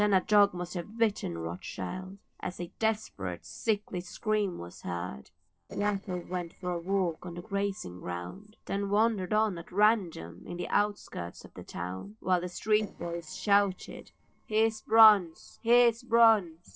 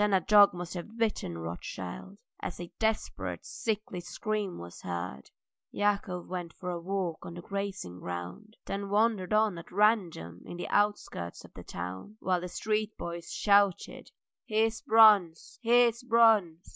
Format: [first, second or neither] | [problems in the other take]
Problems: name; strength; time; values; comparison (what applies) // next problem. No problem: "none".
second | noise reduction (neural separator model SepFormer DNS4)